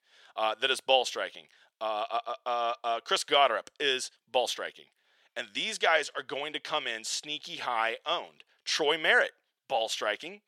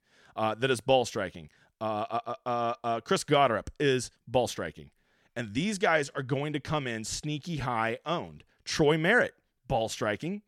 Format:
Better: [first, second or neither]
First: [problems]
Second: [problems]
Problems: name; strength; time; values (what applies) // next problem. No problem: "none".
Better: second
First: thin; very; fading below 600 Hz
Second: none